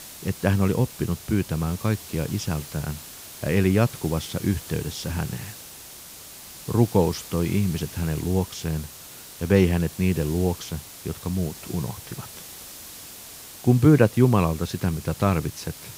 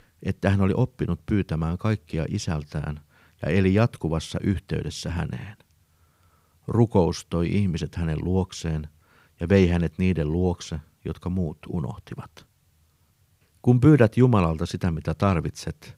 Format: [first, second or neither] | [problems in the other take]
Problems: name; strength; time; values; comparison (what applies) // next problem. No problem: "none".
second | hiss; noticeable; throughout; 15 dB below the speech